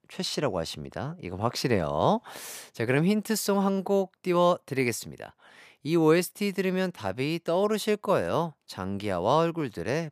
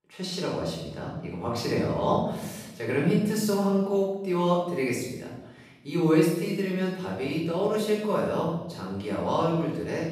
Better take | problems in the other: first | off-mic speech; far // room echo; noticeable; dies away in 1 s

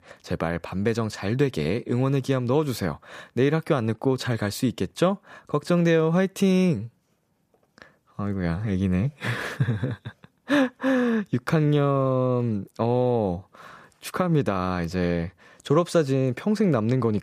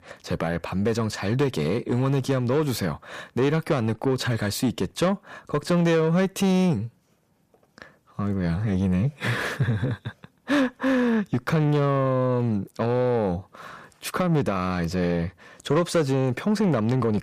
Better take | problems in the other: first | distortion; slight; 10 dB below the speech

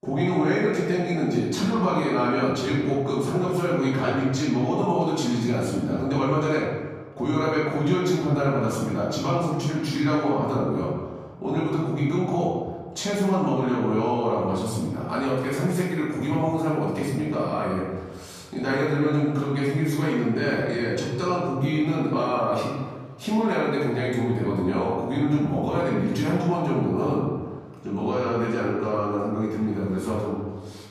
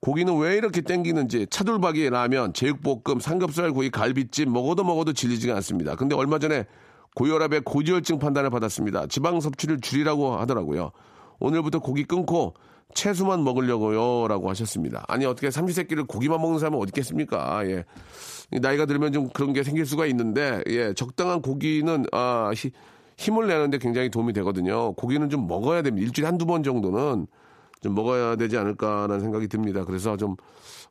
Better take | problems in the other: second | room echo; noticeable; dies away in 1.3 s // off-mic speech; far

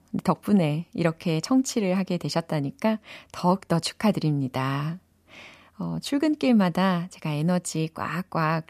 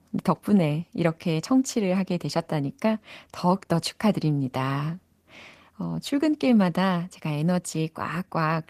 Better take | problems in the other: first | garbled, watery; slightly; nothing above 14.5 kHz

